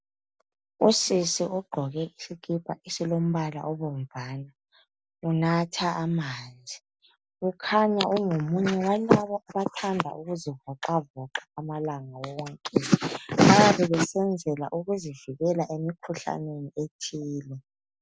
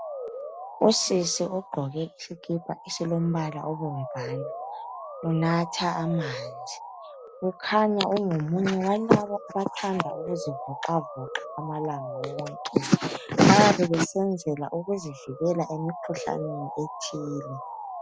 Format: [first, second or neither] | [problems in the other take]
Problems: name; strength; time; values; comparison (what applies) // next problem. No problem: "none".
first | background sound (Motor vehicle (road) / Siren); 12 dB below the speech